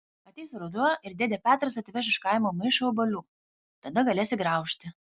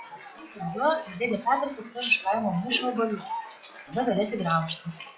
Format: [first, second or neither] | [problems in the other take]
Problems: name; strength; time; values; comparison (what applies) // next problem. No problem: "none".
first | noise reduction (classical method WPE with log-MMSE)